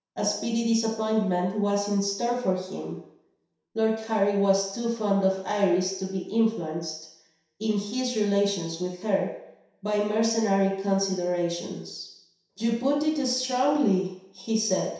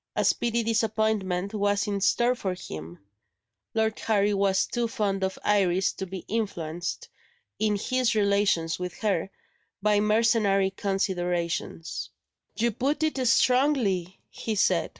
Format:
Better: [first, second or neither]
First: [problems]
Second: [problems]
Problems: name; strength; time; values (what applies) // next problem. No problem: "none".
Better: second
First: room echo; dies away in 0.7 s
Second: none